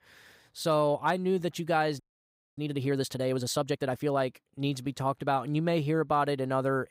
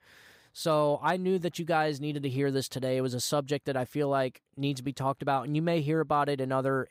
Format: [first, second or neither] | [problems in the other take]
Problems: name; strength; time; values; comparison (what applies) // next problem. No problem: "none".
second | audio freezing; at 2 s for 0.5 s